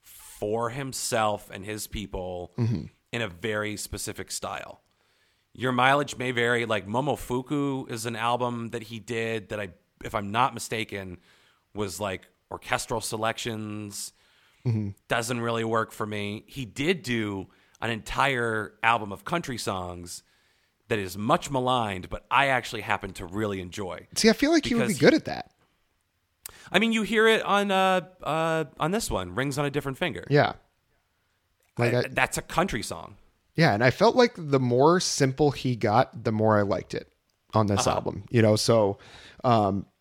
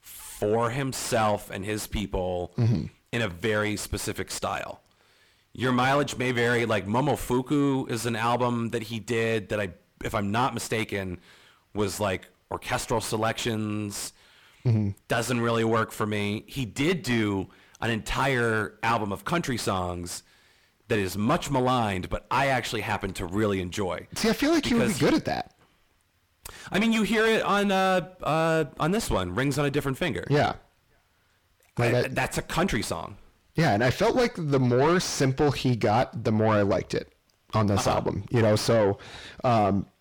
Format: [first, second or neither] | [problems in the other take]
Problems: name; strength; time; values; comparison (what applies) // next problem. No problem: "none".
first | distortion; heavy; 6 dB below the speech